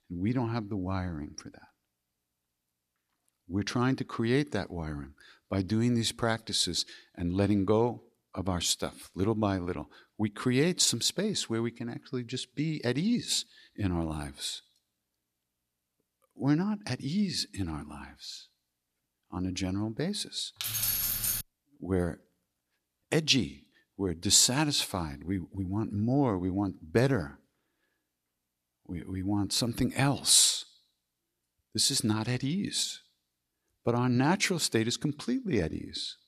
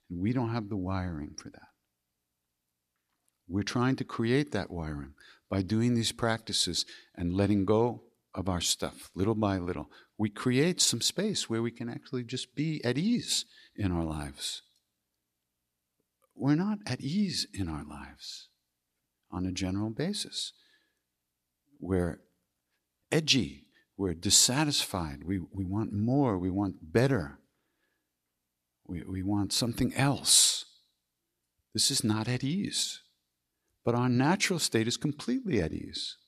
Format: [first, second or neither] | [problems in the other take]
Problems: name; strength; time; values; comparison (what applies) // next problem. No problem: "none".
second | jangling keys; loud; at 21 s; peak 2 dB above the speech